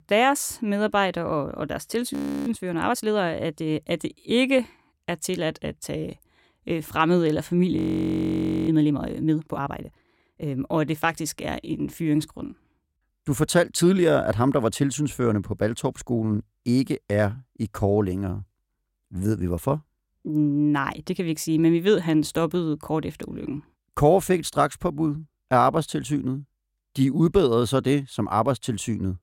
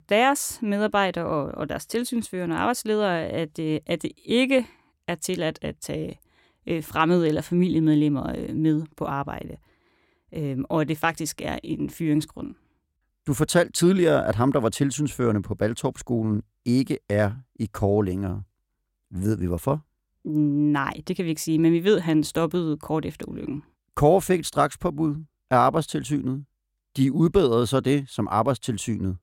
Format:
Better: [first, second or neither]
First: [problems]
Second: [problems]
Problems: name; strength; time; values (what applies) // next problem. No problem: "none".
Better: second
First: audio freezing; at 2 s and at 8 s for 1 s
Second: none